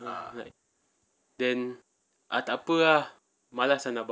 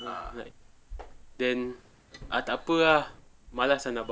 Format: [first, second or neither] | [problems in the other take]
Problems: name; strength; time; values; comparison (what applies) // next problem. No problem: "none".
first | background sound (Screech); 17 dB below the speech